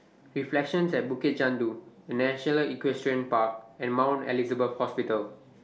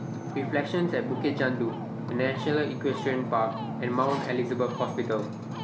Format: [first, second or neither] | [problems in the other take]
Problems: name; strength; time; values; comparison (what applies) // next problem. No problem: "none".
first | background sound (Ocean); 5 dB below the speech